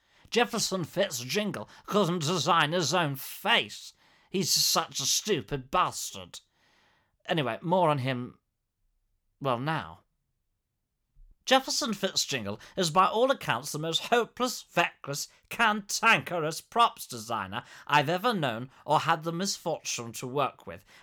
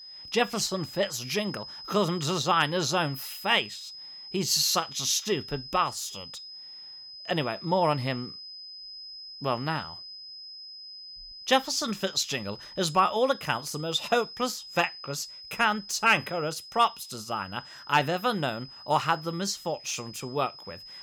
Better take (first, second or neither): first